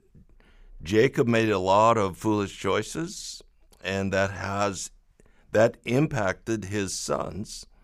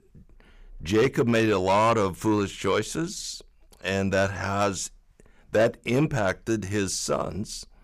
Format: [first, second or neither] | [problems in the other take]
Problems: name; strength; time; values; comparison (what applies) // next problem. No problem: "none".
first | distortion; slight; 10 dB below the speech